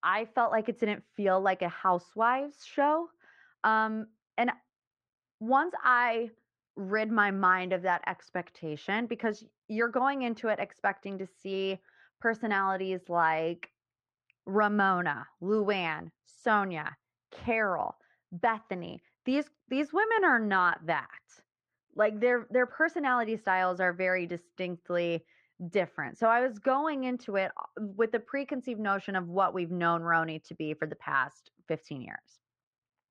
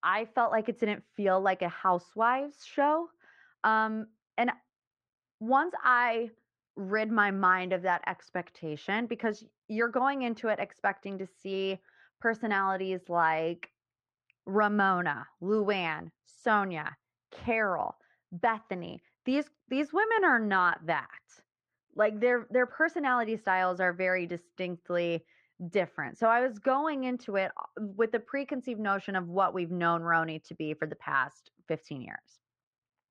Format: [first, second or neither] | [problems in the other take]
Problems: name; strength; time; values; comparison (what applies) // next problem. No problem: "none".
neither | muffled; very; fading above 2 kHz; the same in both